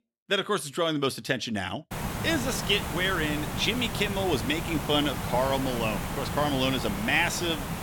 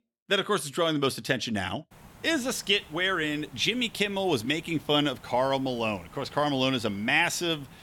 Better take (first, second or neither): second